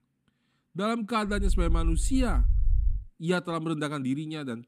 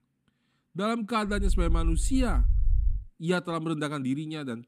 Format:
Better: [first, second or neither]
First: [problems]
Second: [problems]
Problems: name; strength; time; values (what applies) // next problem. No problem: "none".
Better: neither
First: low rumble; faint; from 1.5 to 3 s; 20 dB below the speech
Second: low rumble; faint; from 1.5 to 3 s; 20 dB below the speech